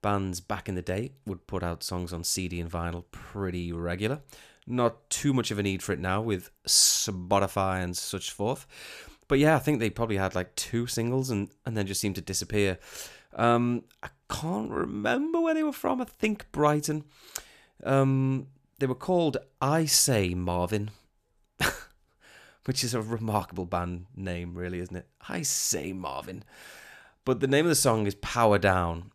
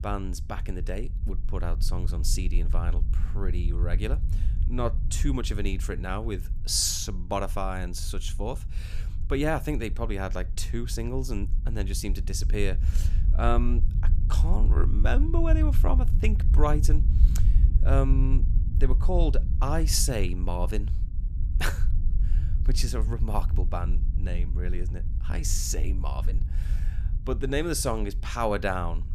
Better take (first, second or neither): first